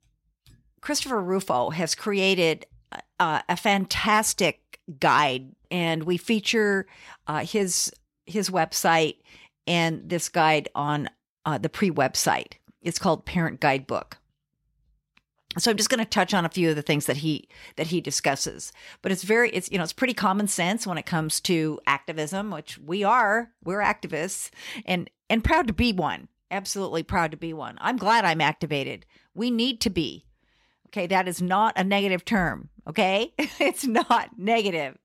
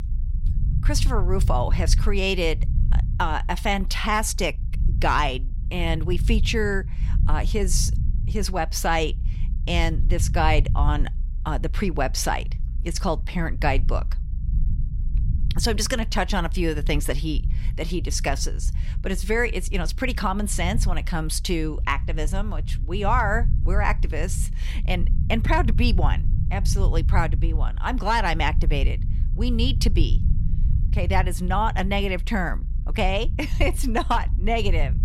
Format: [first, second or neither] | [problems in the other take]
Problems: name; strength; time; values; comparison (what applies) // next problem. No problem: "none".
first | low rumble; noticeable; throughout; 20 dB below the speech